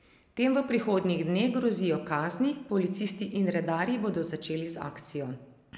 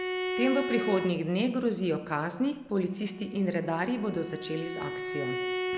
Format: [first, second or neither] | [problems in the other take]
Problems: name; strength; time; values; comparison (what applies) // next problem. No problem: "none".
first | background sound (Bowed string instrument); 5 dB below the speech